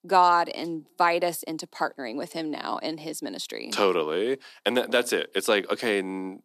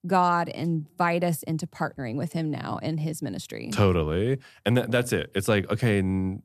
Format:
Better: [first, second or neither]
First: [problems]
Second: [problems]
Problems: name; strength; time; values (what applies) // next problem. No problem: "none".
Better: second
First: thin; somewhat; fading below 300 Hz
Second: none